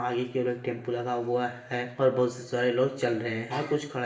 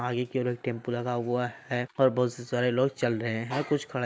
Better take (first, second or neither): second